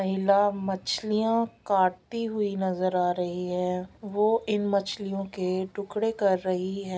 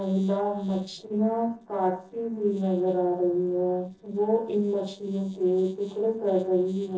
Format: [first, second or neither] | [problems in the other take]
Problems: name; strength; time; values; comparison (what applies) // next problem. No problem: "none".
first | noise reduction (neural separator model SepFormer DNS4)